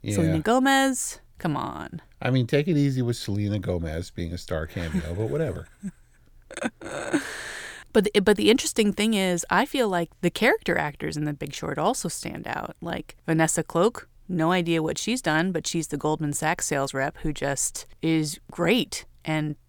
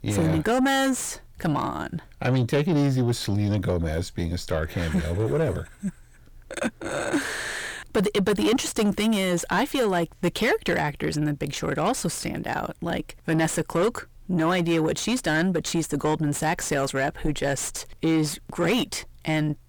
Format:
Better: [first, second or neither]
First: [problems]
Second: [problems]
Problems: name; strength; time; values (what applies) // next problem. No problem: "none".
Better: first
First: none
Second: distortion; heavy; 7 dB below the speech